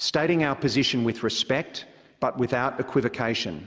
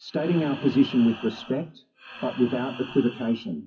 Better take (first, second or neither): first